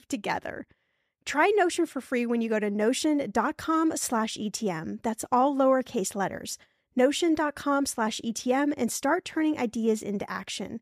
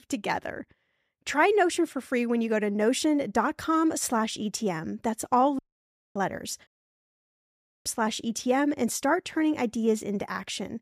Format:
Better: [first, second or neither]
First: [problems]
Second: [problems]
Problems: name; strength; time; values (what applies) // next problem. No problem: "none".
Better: first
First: none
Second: audio cutting out; at 5.5 s for 0.5 s and at 6.5 s for 1 s